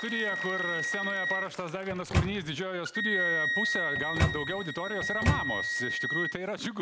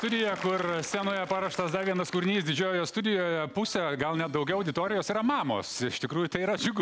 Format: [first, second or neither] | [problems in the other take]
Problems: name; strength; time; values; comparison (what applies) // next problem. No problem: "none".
second | background sound (Microwave oven + Wind instrument, woodwind instrument); 3 dB above the speech